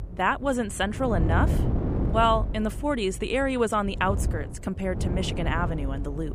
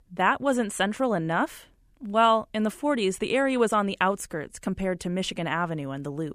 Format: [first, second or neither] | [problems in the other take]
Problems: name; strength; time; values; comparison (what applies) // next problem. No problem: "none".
second | wind noise on the microphone; occasional gusts; 10 dB below the speech